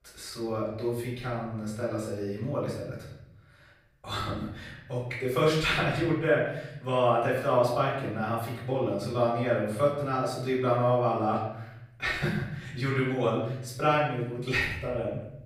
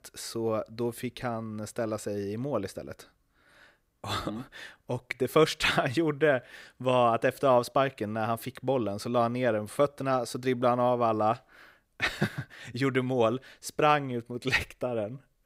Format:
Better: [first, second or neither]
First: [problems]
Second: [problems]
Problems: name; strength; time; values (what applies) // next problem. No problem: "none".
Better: second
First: off-mic speech; far // room echo; noticeable; dies away in 1.1 s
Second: none